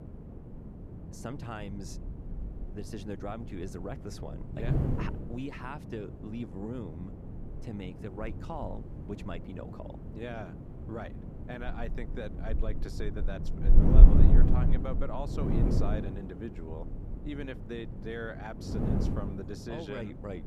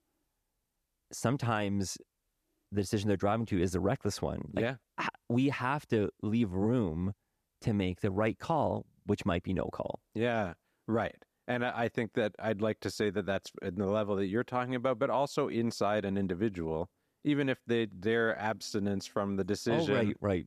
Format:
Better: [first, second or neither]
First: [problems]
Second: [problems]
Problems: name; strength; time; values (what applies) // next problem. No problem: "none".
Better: second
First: wind noise on the microphone; heavy; 2 dB below the speech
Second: none